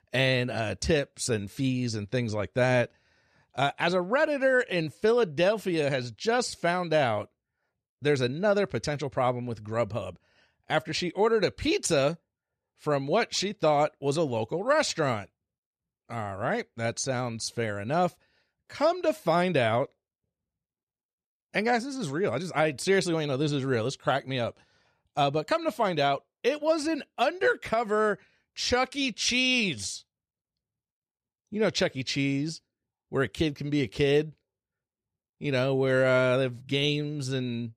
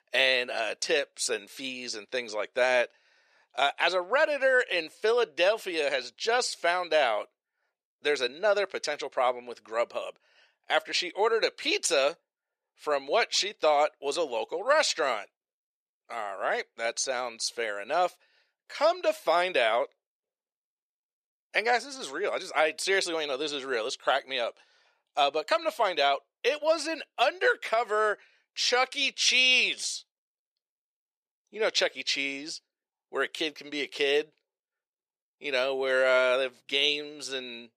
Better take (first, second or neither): first